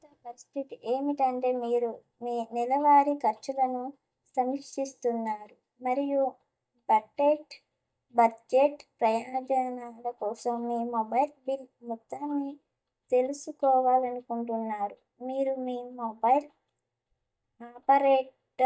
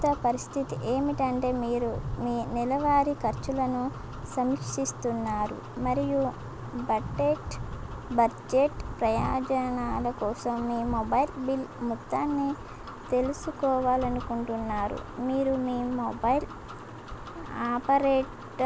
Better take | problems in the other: second | noise reduction (neural mask model DeepFilterNet 3)

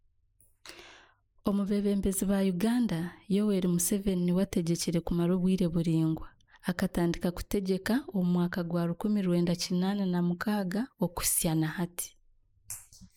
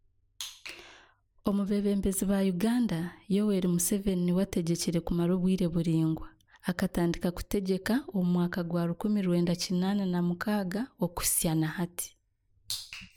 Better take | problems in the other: second | noise reduction (neural mask model Resemble Enhance denoiser)

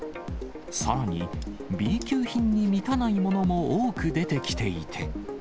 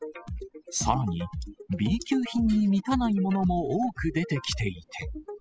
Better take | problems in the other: first | noise reduction (classical method spectral subtraction)

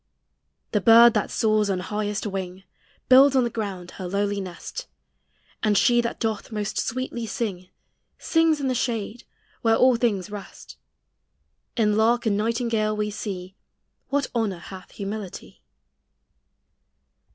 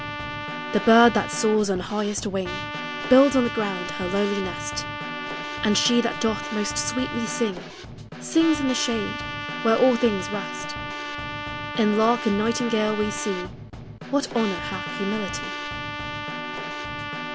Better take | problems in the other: first | background sound (Snare drum / Drum kit + Trumpet); 7 dB below the speech

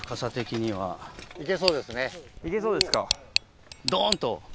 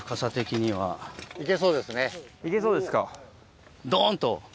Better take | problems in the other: second | background sound (Tick); 4 dB below the speech

